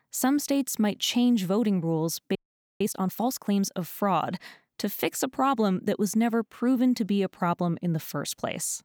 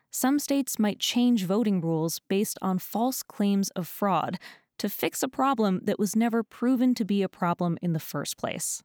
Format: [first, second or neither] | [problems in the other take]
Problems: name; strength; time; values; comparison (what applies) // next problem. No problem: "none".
second | audio freezing; at 2.5 s